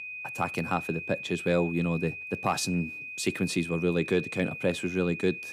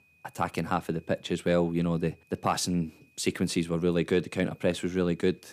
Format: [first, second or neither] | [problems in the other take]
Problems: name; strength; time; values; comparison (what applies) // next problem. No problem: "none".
second | high-pitched whine; loud; throughout; 2.5 kHz, 7 dB below the speech; faint in the second